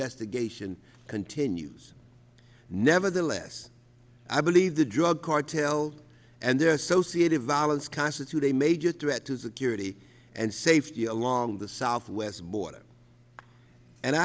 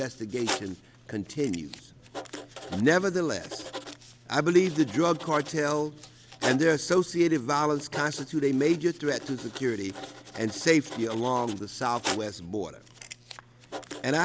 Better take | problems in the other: first | background sound (Writing); 13 dB below the speech

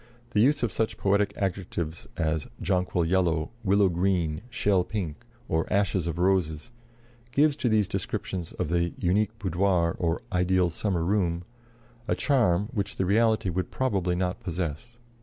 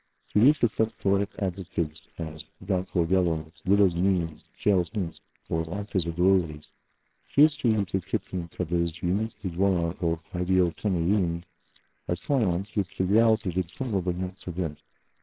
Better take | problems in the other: first | noise reduction (neural separator model SepFormer WHAMR!)

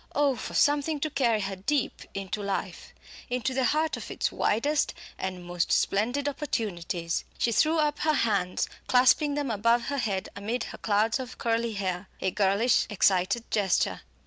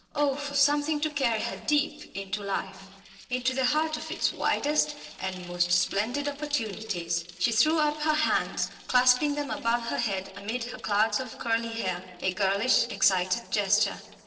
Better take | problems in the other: first | noise reduction (neural separator model SepFormer DNS4)

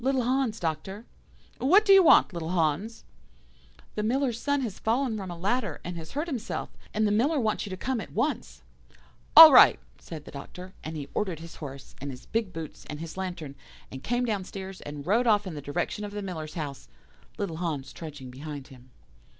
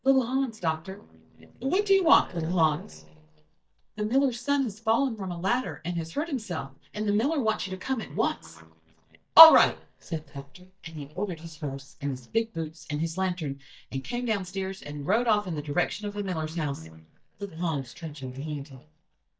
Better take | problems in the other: first | noise reduction (neural mask model DeepFilterNet 3)

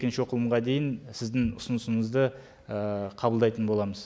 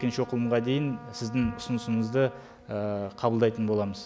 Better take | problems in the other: first | background sound (Trumpet); 19 dB below the speech

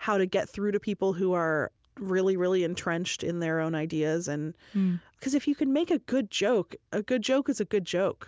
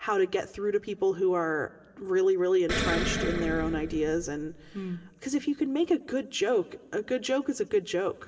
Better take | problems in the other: first | background sound (Explosion); 4 dB below the speech // room echo; dies away in 2.2 s

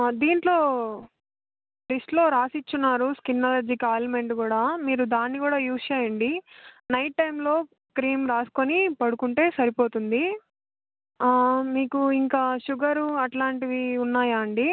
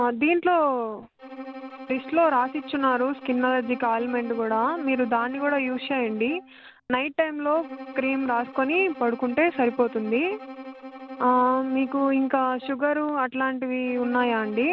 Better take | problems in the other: first | background sound (Bowed string instrument); 16 dB below the speech

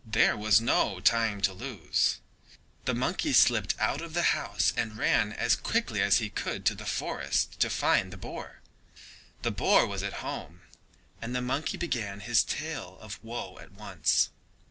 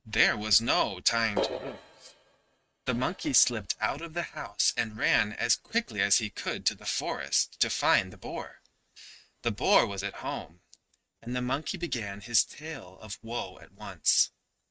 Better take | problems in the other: first | noise reduction (neural mask model RNNoise)

